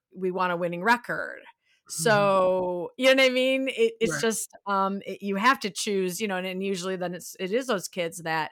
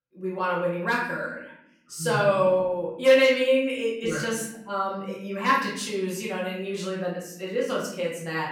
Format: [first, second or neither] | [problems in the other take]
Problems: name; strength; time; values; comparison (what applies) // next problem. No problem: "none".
first | off-mic speech; far // room echo; noticeable; dies away in 0.7 s